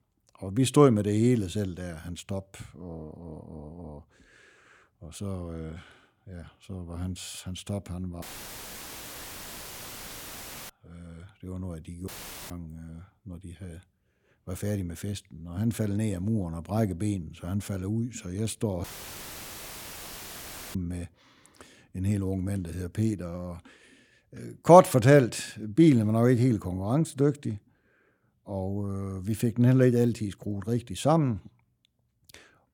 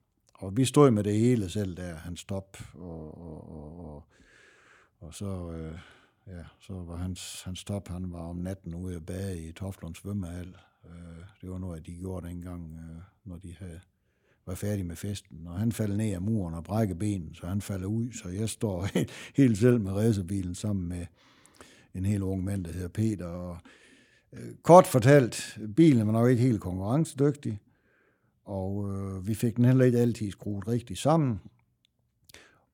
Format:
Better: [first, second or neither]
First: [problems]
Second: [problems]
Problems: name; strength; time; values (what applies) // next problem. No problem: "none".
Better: second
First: audio cutting out; filled with static; at 8 s for 2.5 s, at 12 s and at 19 s for 2 s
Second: none